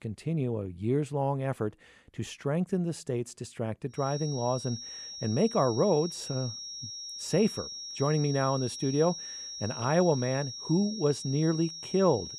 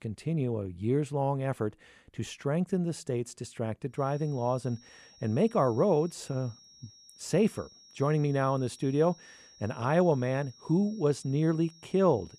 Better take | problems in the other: second | high-pitched whine; loud; from 4 s on; 5.5 kHz, 8 dB below the speech; faint in the second

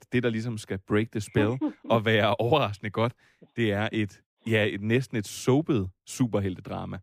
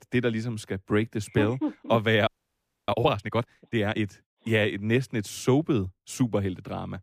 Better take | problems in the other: first | audio freezing; at 2.5 s for 0.5 s

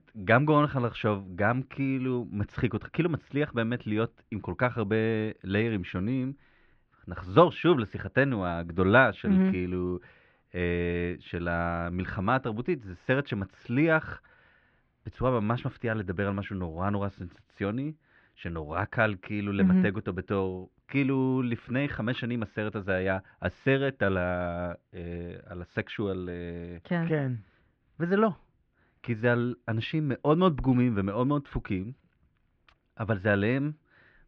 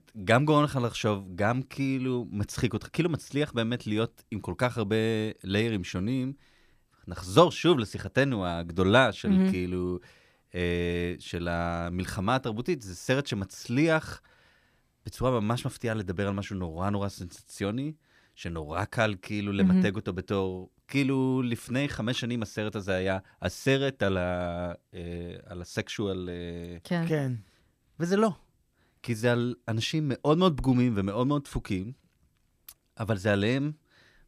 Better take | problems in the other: second | muffled; very; fading above 3 kHz

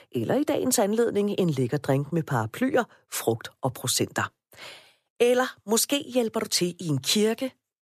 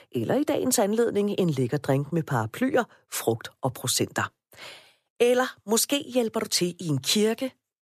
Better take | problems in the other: neither | none

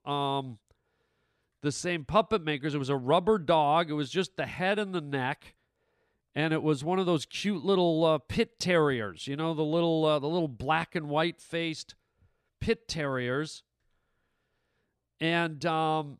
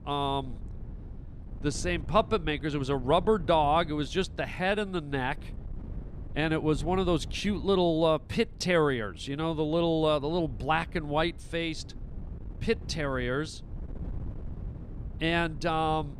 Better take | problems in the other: first | wind noise on the microphone; occasional gusts; 25 dB below the speech

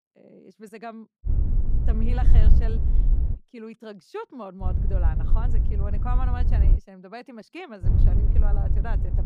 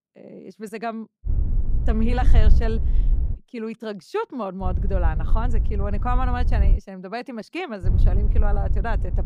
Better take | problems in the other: second | wind noise on the microphone; heavy; from 1.5 to 3.5 s, from 4.5 to 7 s and from 8 s on; 3 dB below the speech; occasional gusts in the second

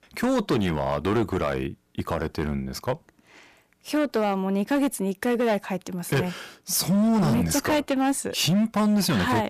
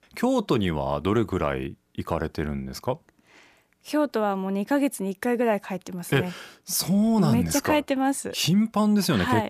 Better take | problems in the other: second | distortion; slight; 12% of the sound clipped

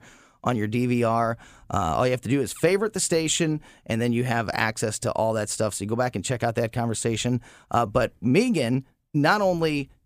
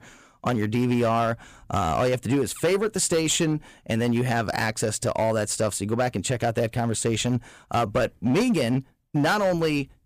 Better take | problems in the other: first | distortion; slight; 8% of the sound clipped

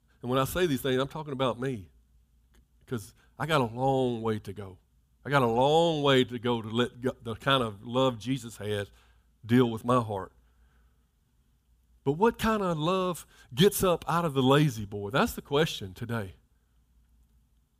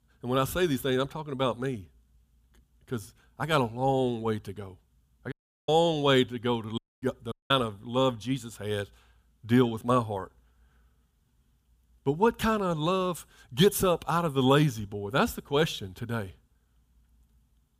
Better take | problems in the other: first | audio cutting out; at 5.5 s, at 7 s and at 7.5 s

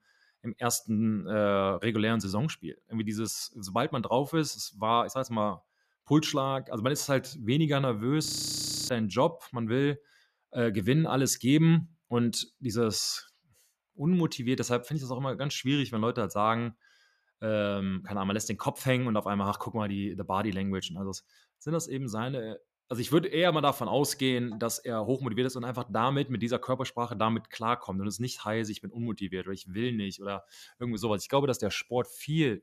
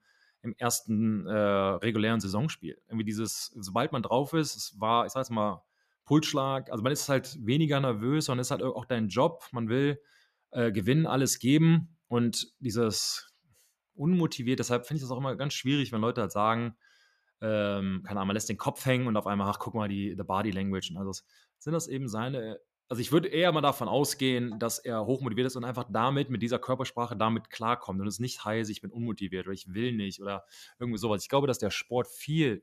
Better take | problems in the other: second | audio freezing; at 8.5 s for 0.5 s

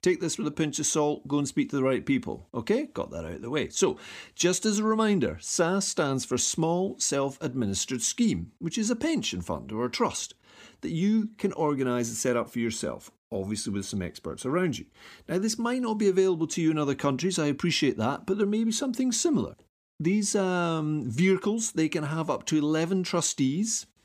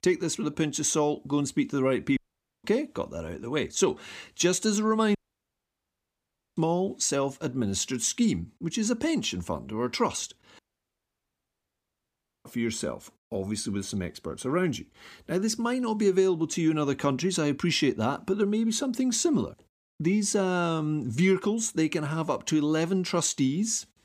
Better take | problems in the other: first | audio cutting out; at 2 s, at 5 s for 1.5 s and at 11 s for 2 s

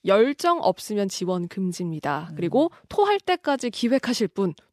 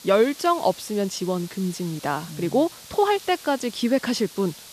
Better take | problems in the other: first | hiss; noticeable; throughout; 15 dB below the speech

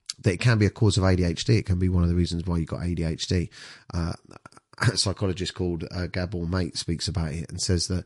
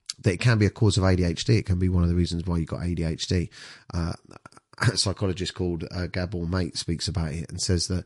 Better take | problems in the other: neither | garbled, watery; slightly; the same in both

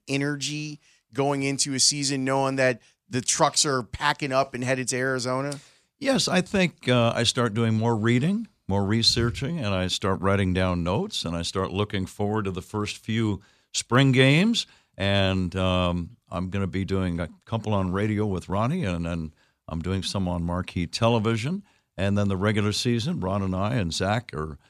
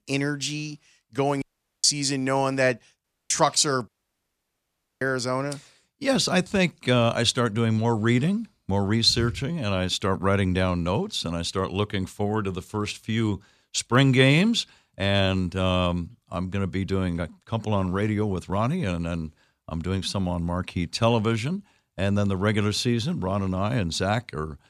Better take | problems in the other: first | audio cutting out; at 1.5 s, at 3 s and at 4 s for 1 s

